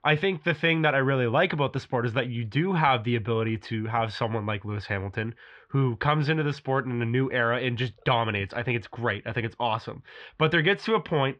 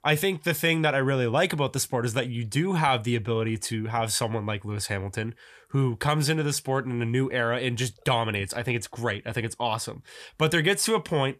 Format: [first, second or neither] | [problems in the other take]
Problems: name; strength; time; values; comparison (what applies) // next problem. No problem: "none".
second | muffled; very; fading above 3.5 kHz